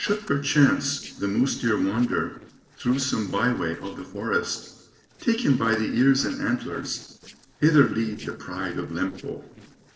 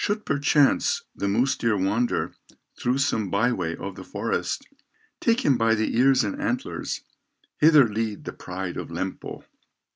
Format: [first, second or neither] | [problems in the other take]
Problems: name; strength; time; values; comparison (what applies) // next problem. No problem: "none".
second | noise reduction (neural separator model SepFormer DNS4)